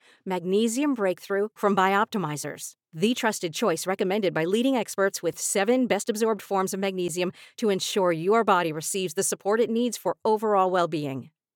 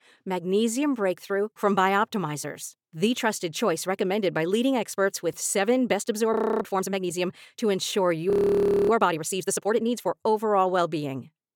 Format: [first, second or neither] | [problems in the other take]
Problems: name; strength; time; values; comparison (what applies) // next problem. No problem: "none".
first | audio freezing; at 6.5 s and at 8.5 s for 0.5 s